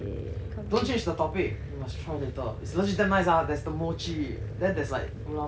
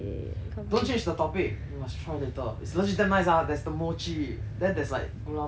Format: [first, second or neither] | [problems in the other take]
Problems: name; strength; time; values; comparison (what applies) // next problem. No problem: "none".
second | background sound (Boiling); 20 dB below the speech